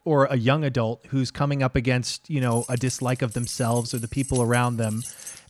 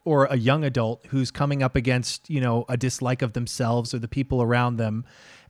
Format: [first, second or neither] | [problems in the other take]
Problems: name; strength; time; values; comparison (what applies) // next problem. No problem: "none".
second | jangling keys; noticeable; from 2.5 s on; peak 8 dB below the speech